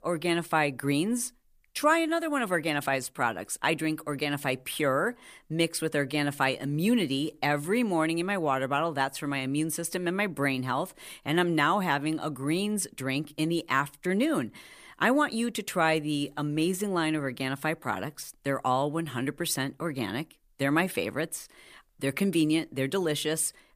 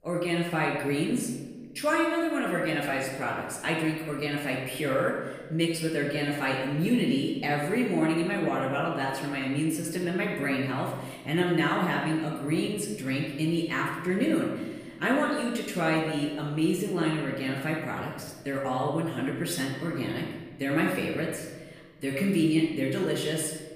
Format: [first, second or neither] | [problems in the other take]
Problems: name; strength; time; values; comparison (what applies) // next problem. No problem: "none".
first | off-mic speech; far // room echo; noticeable; dies away in 1.2 s